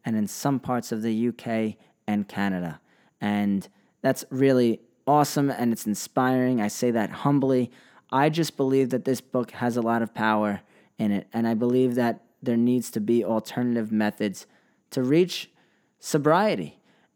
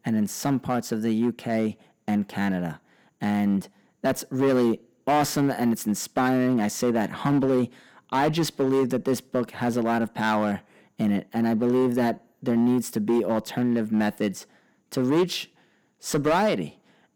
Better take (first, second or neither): first